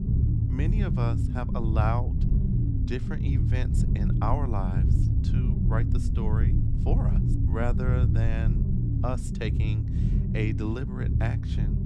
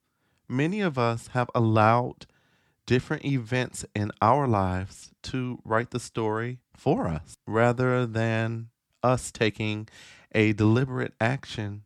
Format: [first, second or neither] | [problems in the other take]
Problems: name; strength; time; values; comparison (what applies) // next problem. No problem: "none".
second | low rumble; loud; throughout; 3 dB below the speech